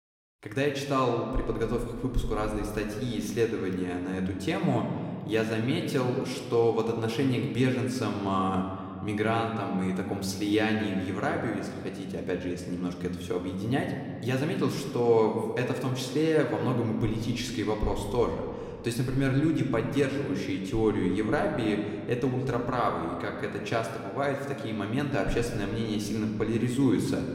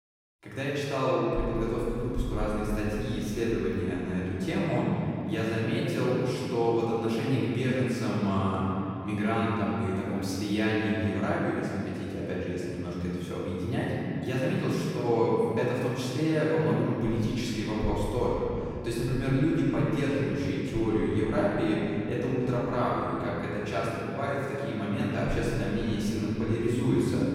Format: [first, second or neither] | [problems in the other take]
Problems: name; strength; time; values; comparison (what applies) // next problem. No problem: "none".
first | room echo; strong; dies away in 3 s; slight in the first // off-mic speech; far; somewhat distant in the first